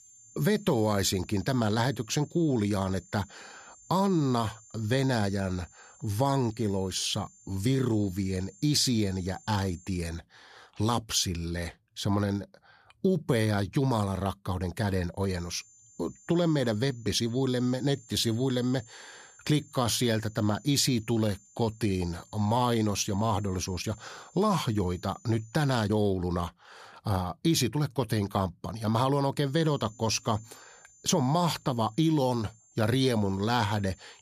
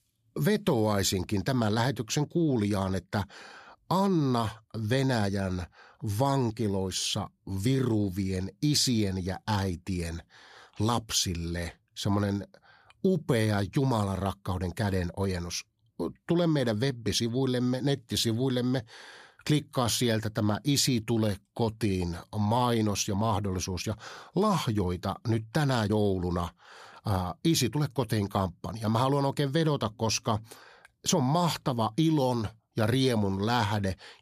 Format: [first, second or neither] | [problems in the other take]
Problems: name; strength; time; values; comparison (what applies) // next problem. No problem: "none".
second | high-pitched whine; faint; until 10 s, from 15 to 26 s and from 30 s on; 7 kHz, 25 dB below the speech